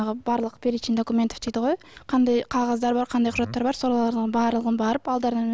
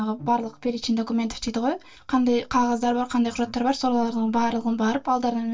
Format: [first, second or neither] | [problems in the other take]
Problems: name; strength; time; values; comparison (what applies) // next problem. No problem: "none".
first | noise reduction (neural mask model DeepFilterNet 3)